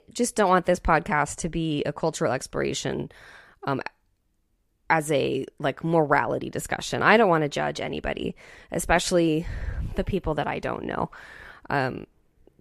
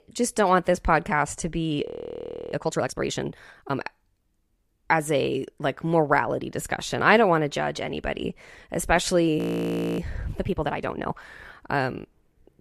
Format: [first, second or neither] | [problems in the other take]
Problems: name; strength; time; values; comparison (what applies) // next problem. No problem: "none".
first | audio freezing; at 2 s for 0.5 s and at 9.5 s for 0.5 s